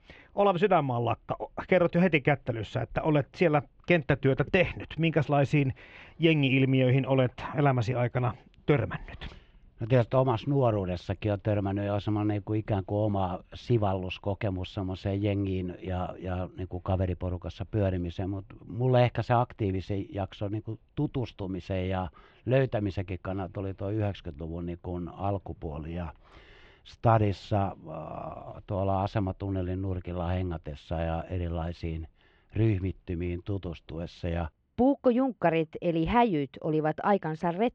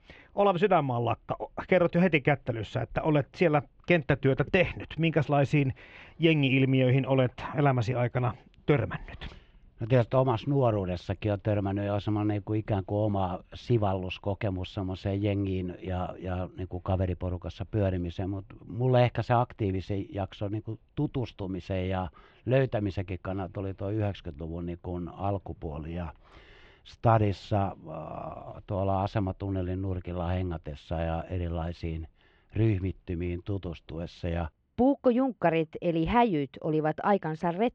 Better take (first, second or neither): neither